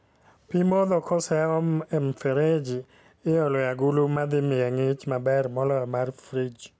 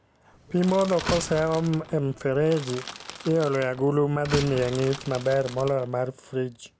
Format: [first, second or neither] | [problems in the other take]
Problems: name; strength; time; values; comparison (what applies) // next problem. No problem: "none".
first | background sound (Slam + Crushing); 12 dB below the speech